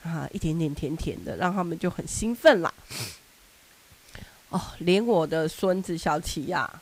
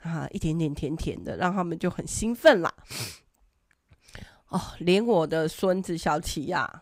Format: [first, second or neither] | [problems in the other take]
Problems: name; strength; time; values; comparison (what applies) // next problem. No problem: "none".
second | hiss; faint; throughout; 25 dB below the speech